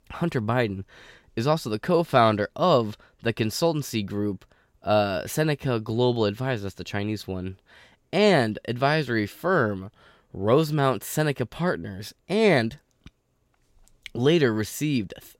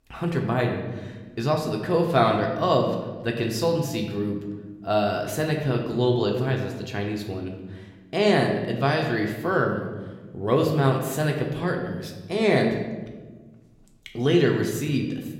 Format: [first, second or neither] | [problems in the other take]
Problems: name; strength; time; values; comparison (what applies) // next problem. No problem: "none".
first | room echo; slight; dies away in 1 s